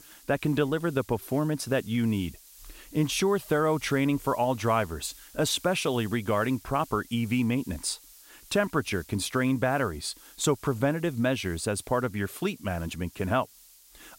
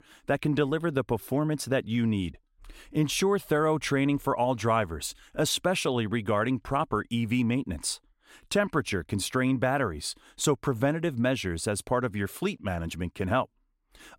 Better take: second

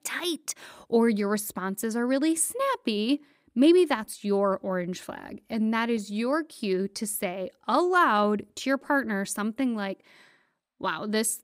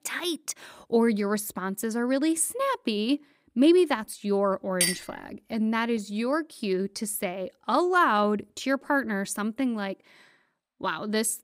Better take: first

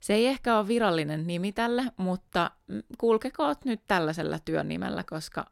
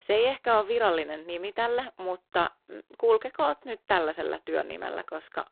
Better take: first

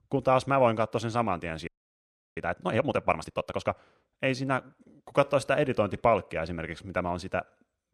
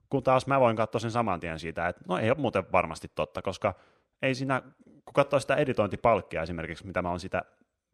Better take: second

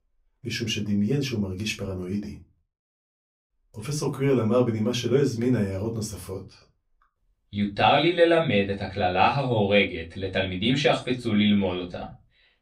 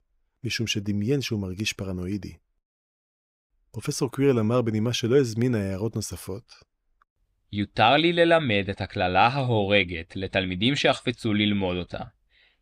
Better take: second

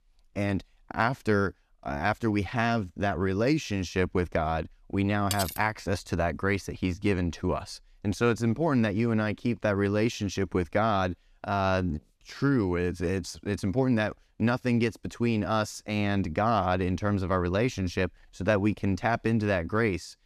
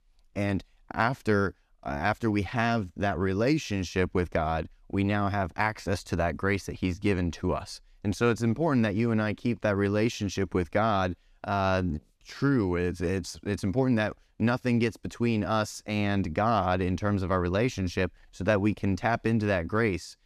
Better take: second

